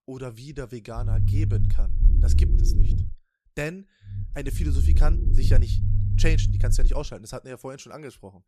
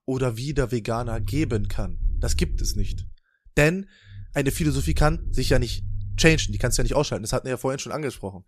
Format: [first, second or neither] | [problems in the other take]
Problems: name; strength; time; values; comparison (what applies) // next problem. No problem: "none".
second | low rumble; loud; from 1 to 3 s and from 4 to 7 s; 5 dB below the speech; faint in the second